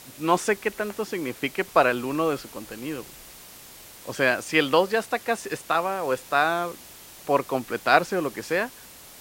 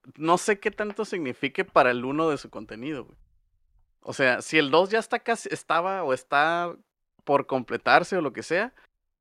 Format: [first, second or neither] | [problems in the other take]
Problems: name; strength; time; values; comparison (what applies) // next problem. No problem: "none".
second | hiss; noticeable; throughout; 20 dB below the speech